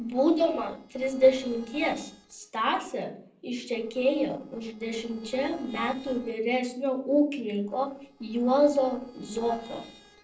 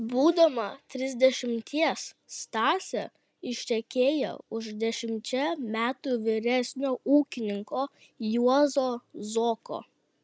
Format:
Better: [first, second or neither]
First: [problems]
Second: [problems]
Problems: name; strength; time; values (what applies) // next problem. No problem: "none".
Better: second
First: noise reduction (neural separator model SepFormer DNS4)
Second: none